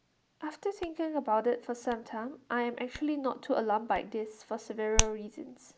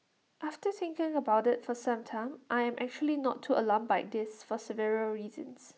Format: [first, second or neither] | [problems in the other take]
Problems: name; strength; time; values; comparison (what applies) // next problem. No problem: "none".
second | background sound (Hands); 6 dB below the speech